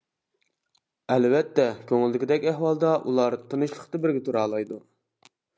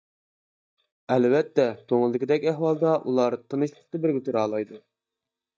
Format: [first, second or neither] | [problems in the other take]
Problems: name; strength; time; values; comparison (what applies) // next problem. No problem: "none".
first | noise reduction (neural mask model DeepFilterNet 3)